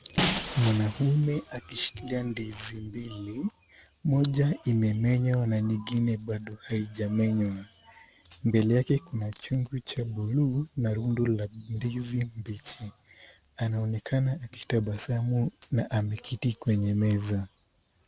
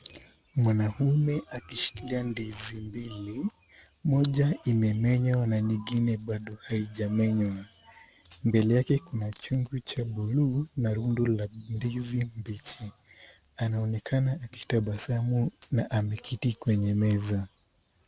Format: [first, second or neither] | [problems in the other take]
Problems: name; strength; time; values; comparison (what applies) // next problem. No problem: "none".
second | background sound (Shatter); 7 dB below the speech